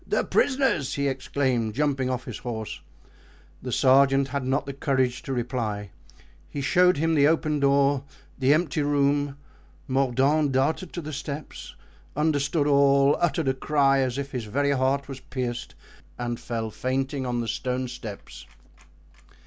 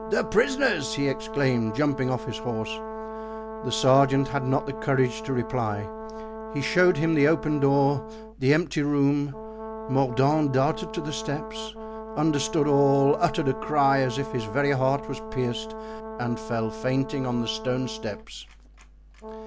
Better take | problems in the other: first | background sound (Brass instrument); 11 dB below the speech

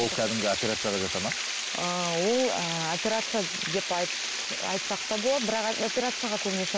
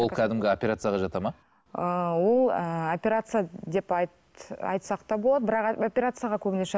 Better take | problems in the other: second | background sound (Water); 2 dB below the speech

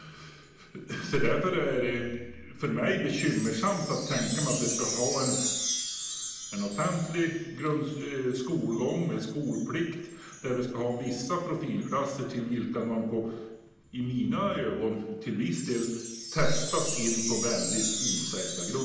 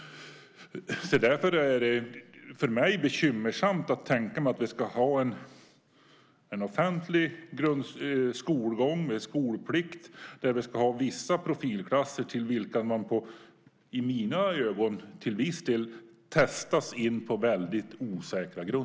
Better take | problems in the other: second | background sound (Chime); 7 dB below the speech // room echo; dies away in 0.9 s

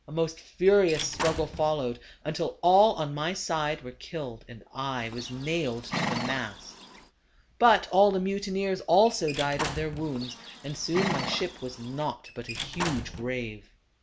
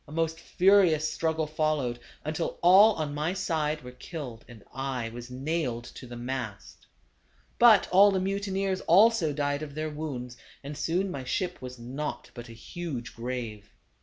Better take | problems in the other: second | background sound (Squeak / Slam / Wood + Livestock, farm animals, working animals); 8 dB below the speech

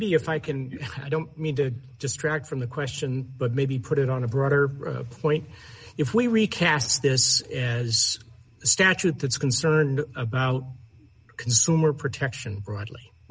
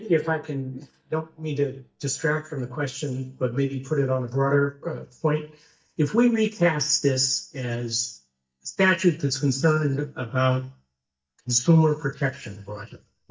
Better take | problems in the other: first | noise reduction (neural mask model DeepFilterNet 3)

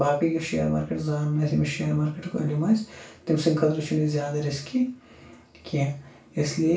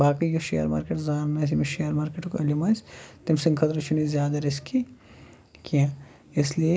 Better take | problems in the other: second | room echo; dies away in 0.3 s

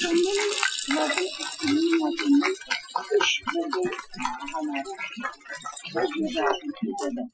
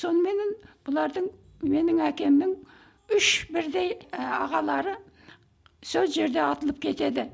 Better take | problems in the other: second | noise reduction (classical method Wiener filter)

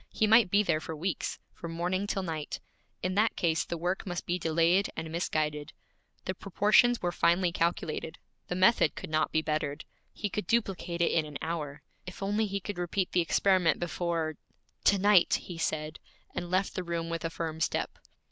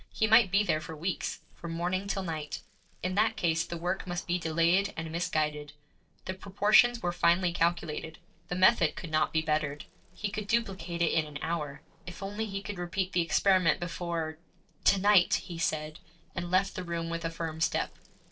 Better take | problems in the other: first | noise reduction (neural separator model SepFormer DNS4)

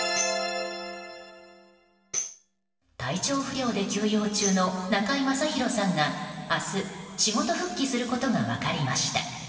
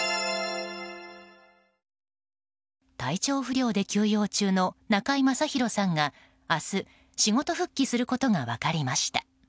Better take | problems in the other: second | background sound (Tambourine); 11 dB below the speech // room echo; dies away in 2.7 s

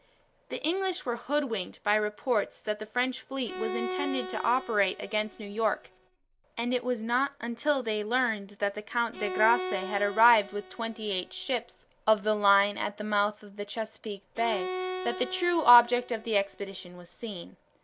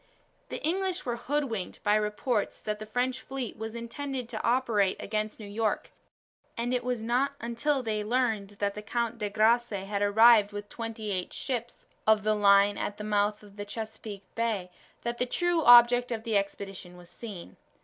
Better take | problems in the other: second | background sound (Bowed string instrument); 10 dB below the speech

